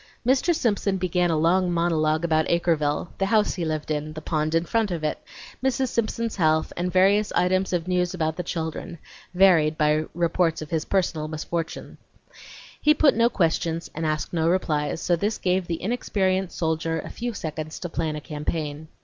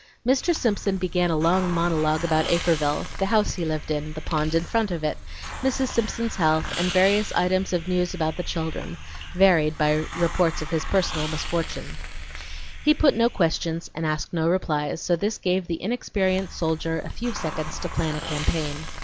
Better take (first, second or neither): first